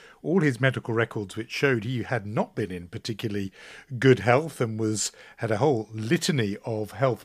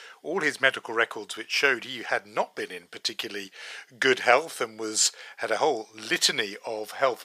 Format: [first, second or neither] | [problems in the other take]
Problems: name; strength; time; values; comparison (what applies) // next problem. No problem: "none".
first | thin; very; fading below 600 Hz